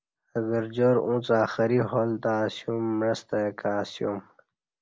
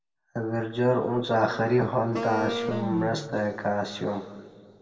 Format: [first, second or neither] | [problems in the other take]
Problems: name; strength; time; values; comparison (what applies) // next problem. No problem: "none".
first | background sound (Wind instrument, woodwind instrument); 6 dB below the speech // room echo; dies away in 1.9 s